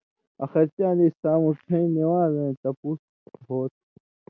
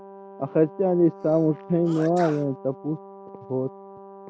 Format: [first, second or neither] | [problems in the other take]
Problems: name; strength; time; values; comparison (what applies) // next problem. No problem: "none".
first | background sound (Brass instrument + Sneeze); 17 dB below the speech